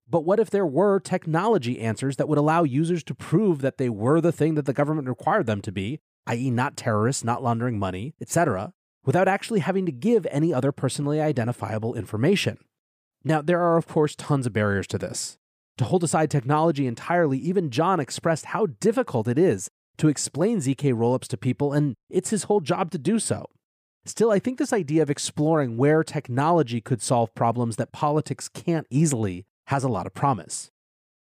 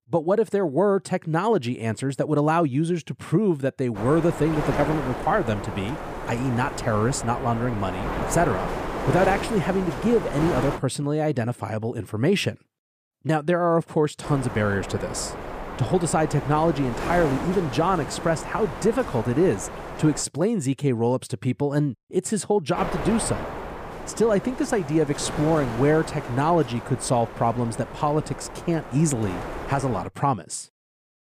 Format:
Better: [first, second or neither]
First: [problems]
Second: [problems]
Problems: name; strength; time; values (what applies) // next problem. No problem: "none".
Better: first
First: none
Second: wind noise on the microphone; heavy; from 4 to 11 s, from 14 to 20 s and from 23 to 30 s; 7 dB below the speech